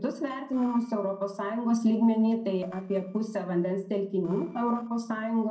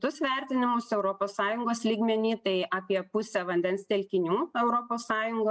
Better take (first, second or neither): second